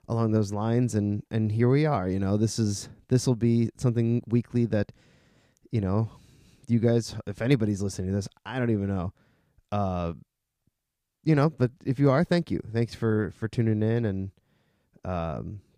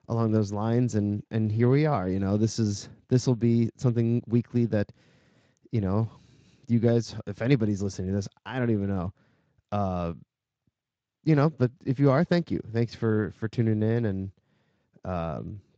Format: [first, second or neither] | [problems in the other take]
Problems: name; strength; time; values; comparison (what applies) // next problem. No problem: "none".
first | garbled, watery; slightly; nothing above 7.5 kHz